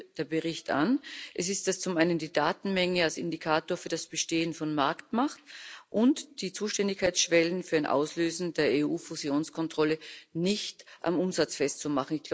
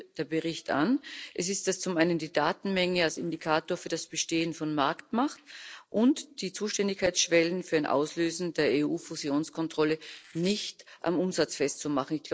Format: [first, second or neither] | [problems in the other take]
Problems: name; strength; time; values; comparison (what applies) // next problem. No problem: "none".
first | noise reduction (neural separator model SepFormer DNS4)